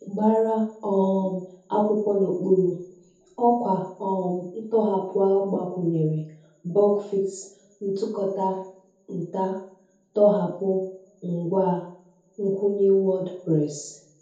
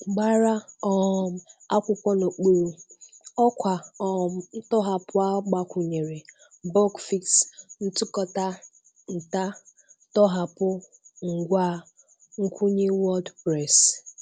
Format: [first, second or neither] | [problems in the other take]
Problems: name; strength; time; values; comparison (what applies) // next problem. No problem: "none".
second | room echo; dies away in 0.6 s